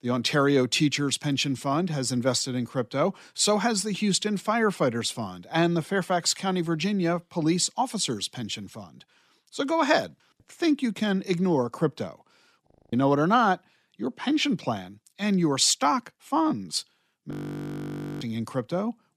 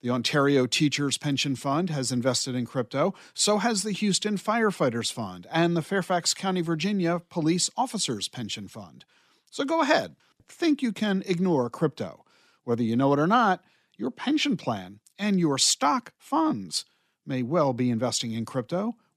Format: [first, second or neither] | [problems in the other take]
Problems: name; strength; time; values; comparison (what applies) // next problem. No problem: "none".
second | audio freezing; at 13 s and at 17 s for 1 s